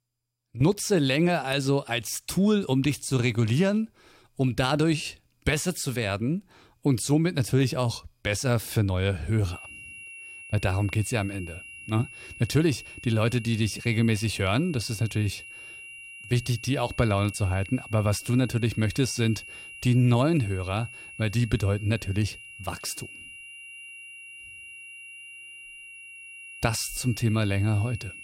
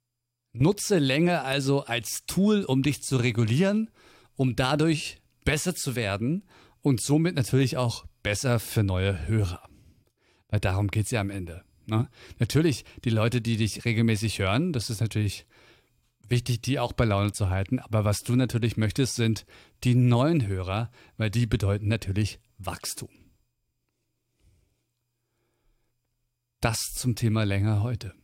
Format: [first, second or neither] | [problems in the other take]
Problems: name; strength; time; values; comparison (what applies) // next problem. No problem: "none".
second | high-pitched whine; noticeable; from 9.5 s on; 3 kHz, 15 dB below the speech